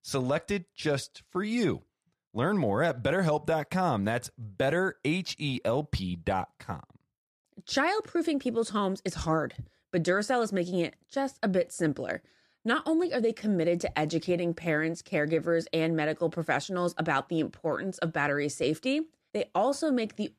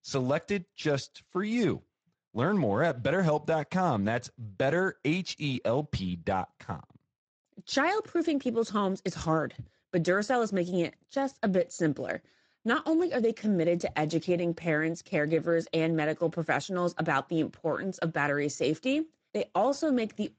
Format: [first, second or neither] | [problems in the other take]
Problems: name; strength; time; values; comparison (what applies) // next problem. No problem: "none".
first | garbled, watery; slightly; nothing above 7.5 kHz